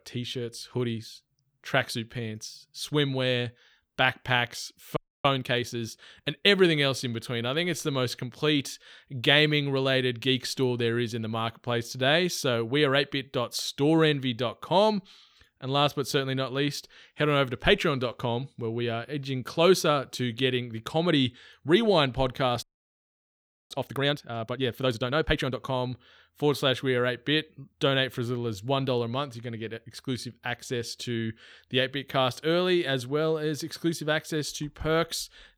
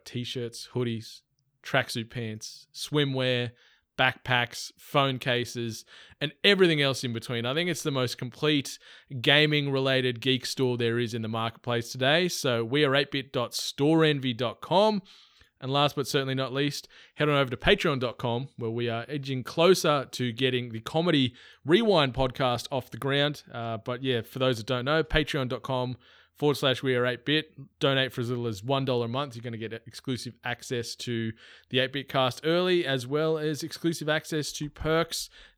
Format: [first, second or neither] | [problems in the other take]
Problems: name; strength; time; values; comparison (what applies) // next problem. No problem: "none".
second | audio freezing; at 5 s and at 23 s for 1 s